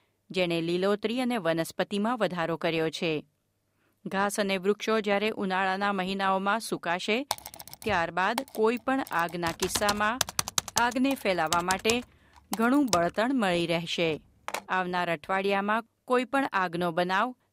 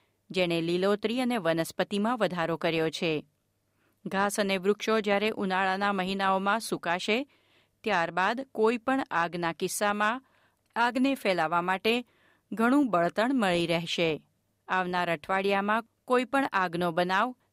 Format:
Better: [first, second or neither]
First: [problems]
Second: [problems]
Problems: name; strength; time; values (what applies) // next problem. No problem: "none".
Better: second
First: keyboard typing; noticeable; from 7.5 to 15 s; peak level with the speech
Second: none